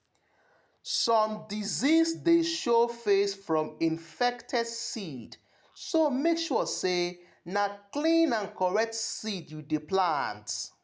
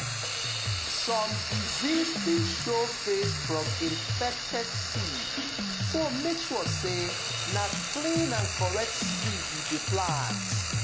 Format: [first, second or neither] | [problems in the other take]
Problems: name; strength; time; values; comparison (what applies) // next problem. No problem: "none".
first | background sound (Drum kit + Frying (food)); 1 dB above the speech